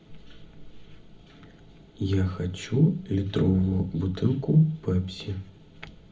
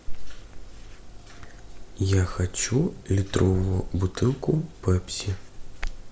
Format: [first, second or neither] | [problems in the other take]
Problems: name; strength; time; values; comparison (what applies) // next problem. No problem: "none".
second | room echo; dies away in 0.4 s